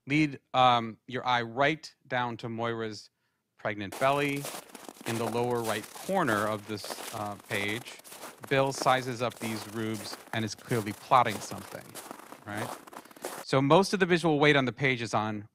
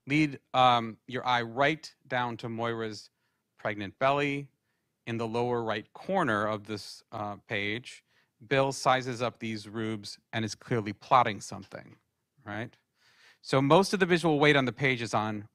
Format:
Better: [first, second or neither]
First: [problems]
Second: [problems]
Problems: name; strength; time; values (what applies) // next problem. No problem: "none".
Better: second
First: footsteps; noticeable; from 4 to 13 s; peak 9 dB below the speech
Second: none